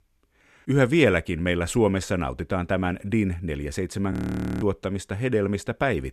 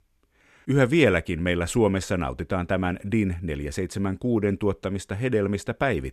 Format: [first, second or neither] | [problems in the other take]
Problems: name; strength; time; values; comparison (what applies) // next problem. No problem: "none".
second | audio freezing; at 4 s